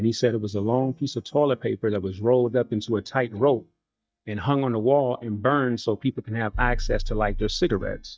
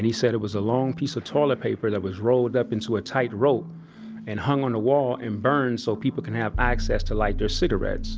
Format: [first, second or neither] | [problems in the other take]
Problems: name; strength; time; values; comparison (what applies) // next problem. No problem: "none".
second | noise reduction (neural mask model DeepFilterNet 3)